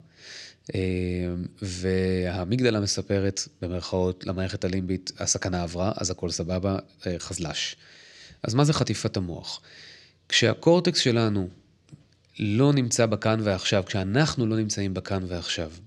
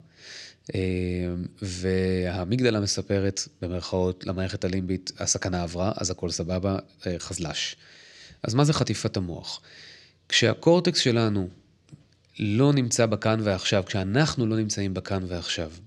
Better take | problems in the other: neither | none

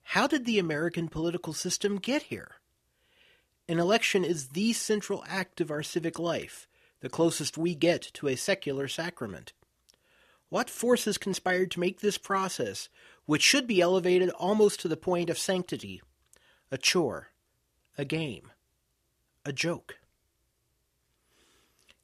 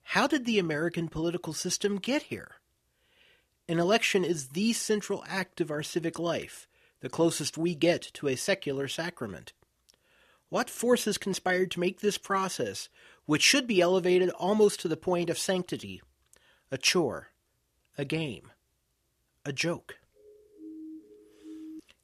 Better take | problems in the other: first | siren; faint; from 20 s on; peak 15 dB below the speech

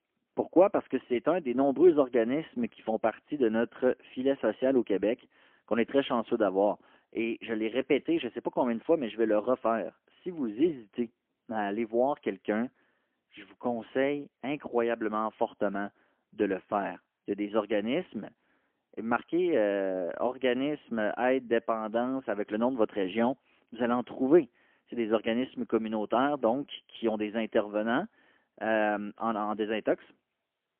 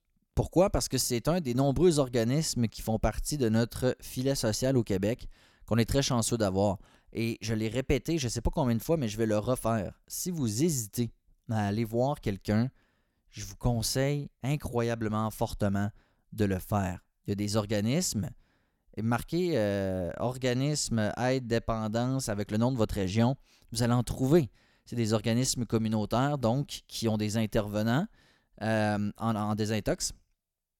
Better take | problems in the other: second | phone-call audio; poor line; nothing above 3.5 kHz

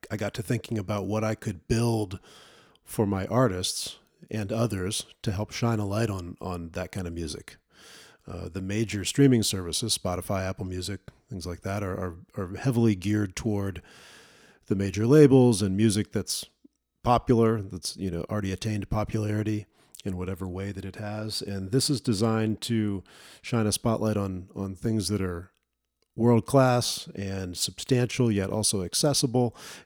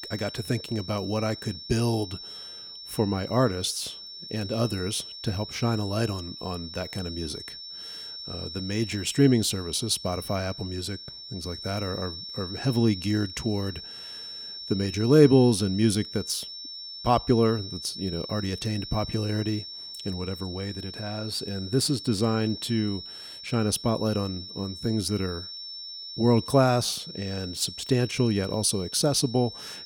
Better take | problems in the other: first | high-pitched whine; noticeable; throughout; 5.5 kHz, 10 dB below the speech

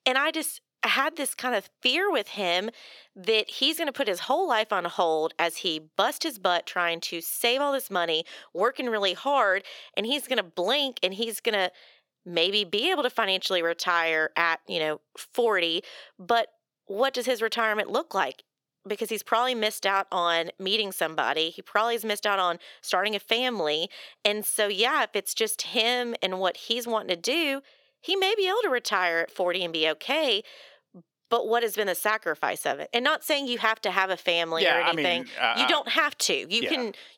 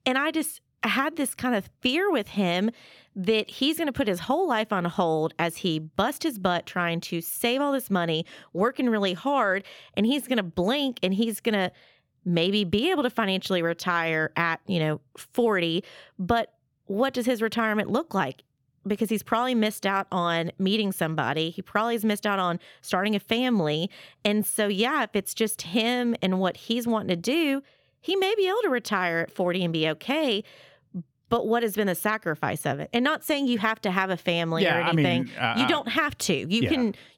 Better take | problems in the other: second | thin; somewhat; fading below 500 Hz

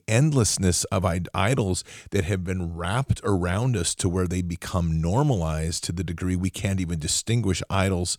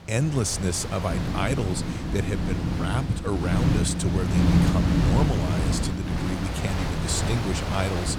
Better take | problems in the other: first | wind noise on the microphone; heavy; 1 dB below the speech

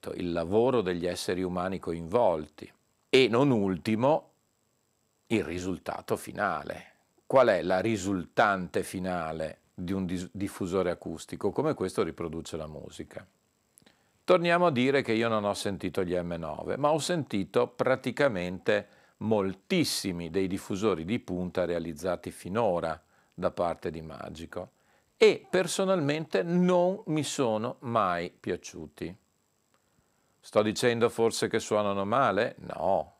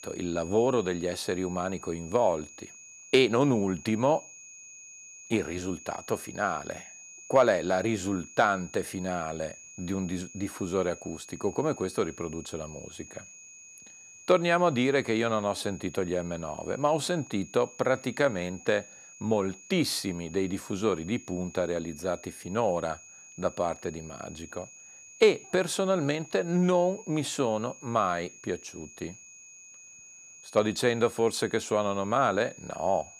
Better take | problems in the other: first | high-pitched whine; noticeable; throughout; 6.5 kHz, 20 dB below the speech

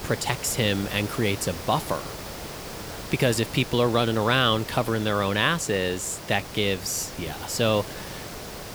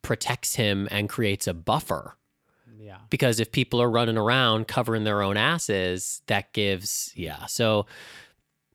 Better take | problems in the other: second | hiss; noticeable; throughout; 10 dB below the speech

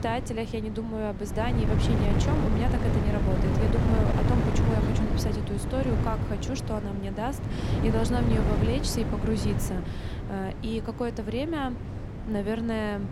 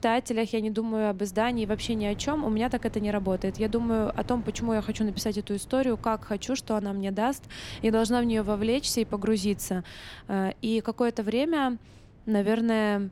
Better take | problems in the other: second | wind noise on the microphone; heavy; 2 dB below the speech; occasional gusts in the second

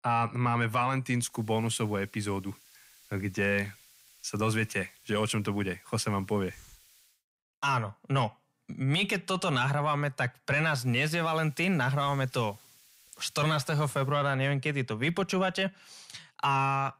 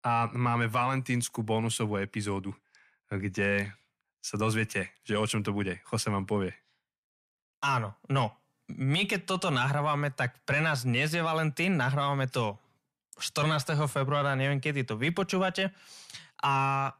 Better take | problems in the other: second | hiss; faint; from 1.5 to 7 s and from 11 to 14 s; 25 dB below the speech

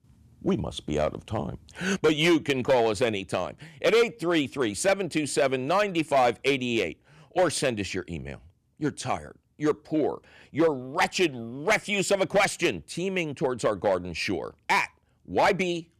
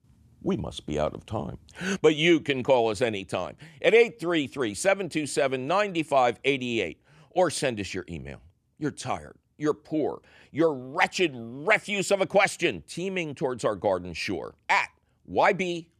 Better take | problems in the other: second | distortion; slight; 4% of the sound clipped

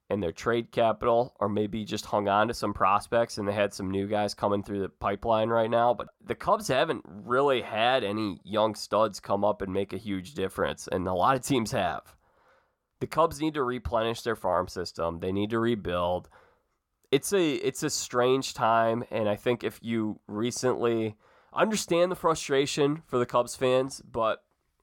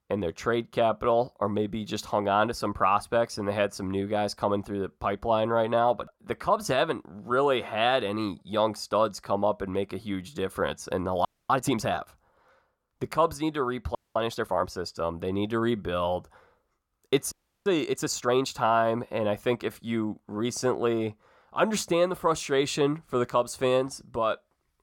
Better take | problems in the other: first | audio freezing; at 11 s, at 14 s and at 17 s

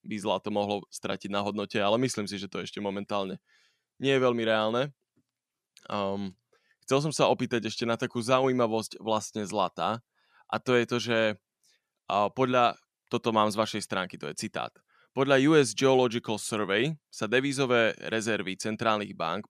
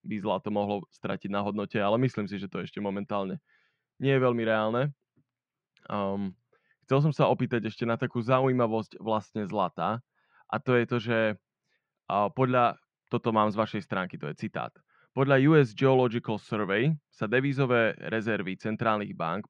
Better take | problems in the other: first | muffled; very; fading above 2 kHz

